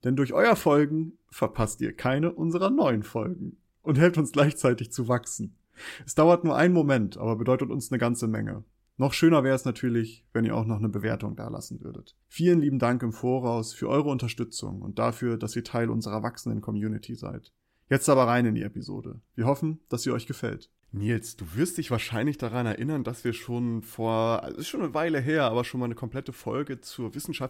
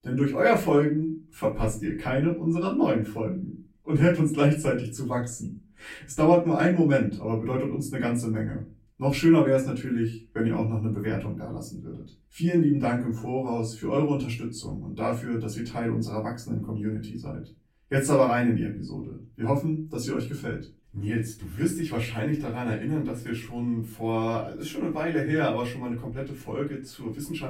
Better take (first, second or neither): first